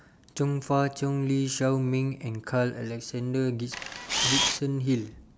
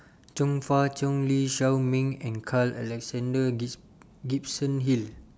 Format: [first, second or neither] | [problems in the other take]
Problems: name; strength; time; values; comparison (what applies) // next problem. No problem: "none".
second | background sound (Camera); 1 dB above the speech